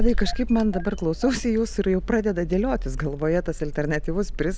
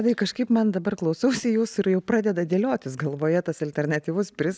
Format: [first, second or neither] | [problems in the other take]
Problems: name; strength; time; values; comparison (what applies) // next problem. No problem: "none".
second | background sound (Engine starting / Car); 4 dB below the speech